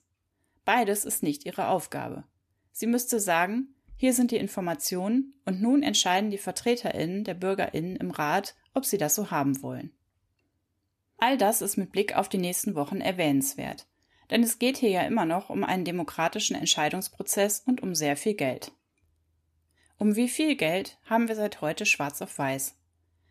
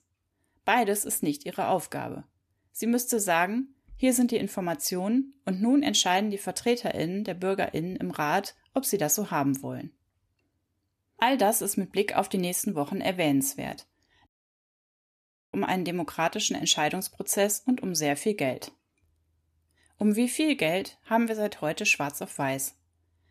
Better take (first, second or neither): first